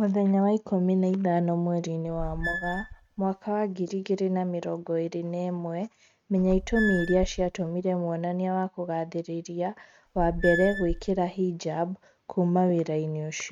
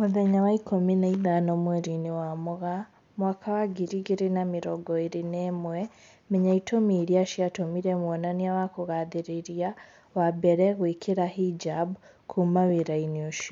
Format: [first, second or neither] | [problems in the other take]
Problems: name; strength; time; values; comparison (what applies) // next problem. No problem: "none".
second | noise reduction (neural mask model RNNoise)